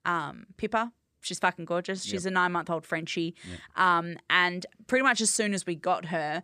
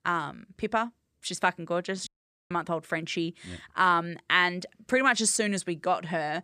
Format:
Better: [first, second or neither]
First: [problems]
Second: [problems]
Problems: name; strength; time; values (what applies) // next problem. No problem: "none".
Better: first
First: none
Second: audio cutting out; at 2 s